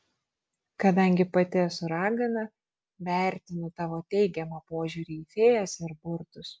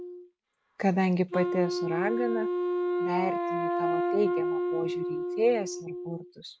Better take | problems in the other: first | noise reduction (neural mask model RNNoise)

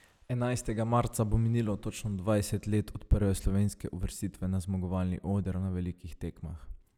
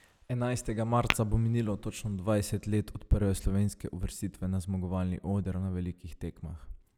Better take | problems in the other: first | background sound (Tap / Glass); 7 dB below the speech

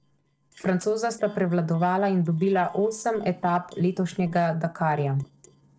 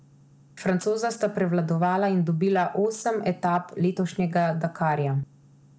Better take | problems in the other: second | noise reduction (neural separator model SepFormer DNS4)

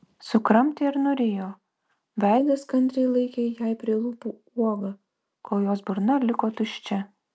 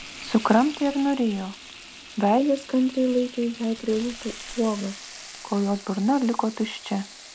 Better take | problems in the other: first | background sound (Frying (food)); 16 dB below the speech

